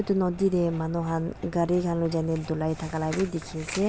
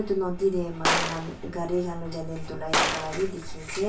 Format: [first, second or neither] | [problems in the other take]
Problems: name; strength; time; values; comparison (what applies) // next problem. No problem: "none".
first | background sound (Gunshot, gunfire); 2 dB below the speech // room echo; dies away in 0.3 s